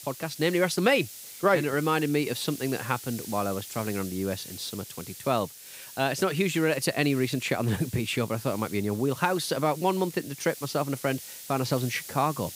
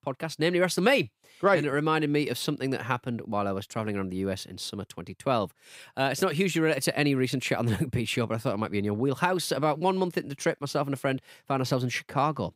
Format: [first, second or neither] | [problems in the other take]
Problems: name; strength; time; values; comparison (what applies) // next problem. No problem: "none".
second | hiss; noticeable; throughout; 15 dB below the speech